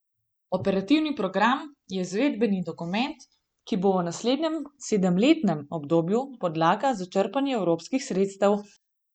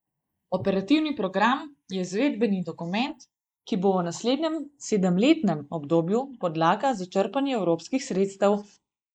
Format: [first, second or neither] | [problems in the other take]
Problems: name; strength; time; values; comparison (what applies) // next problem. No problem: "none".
first | noise reduction (neural mask model Resemble Enhance denoiser)